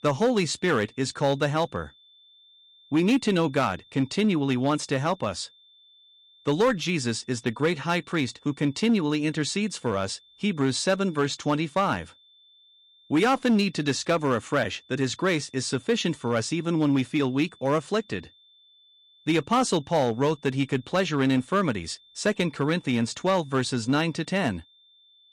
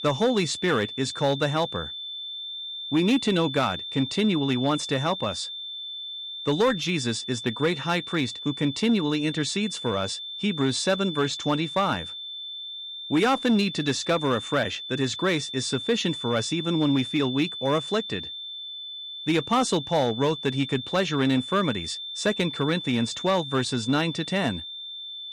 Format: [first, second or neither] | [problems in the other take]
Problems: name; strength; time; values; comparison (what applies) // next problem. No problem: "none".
first | high-pitched whine; loud; throughout; 3.5 kHz, 8 dB below the speech; faint in the first